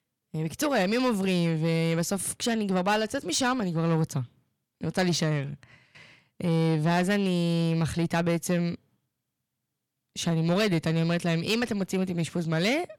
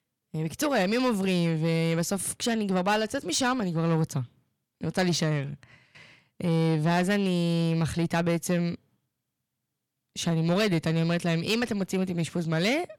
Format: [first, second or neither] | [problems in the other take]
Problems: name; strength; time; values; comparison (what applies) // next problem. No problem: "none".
neither | distortion; slight; 10 dB below the speech; the same in both